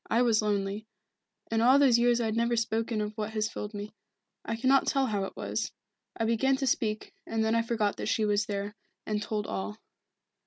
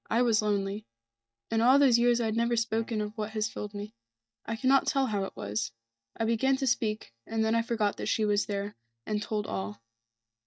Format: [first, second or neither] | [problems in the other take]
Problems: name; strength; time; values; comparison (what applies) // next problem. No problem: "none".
first | noise reduction (neural mask model DeepFilterNet 3)